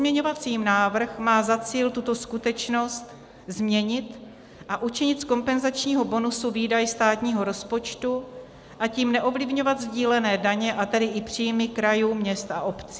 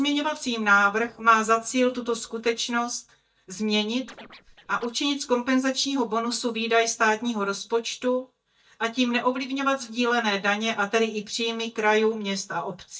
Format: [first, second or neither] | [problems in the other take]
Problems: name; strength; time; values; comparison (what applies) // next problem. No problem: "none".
first | noise reduction (neural mask model DeepFilterNet 3)